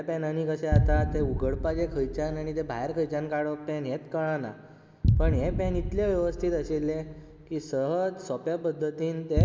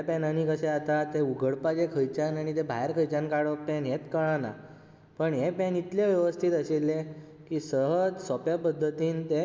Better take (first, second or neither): second